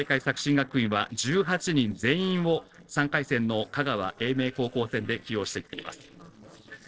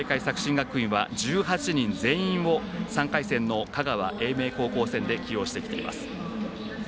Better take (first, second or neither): second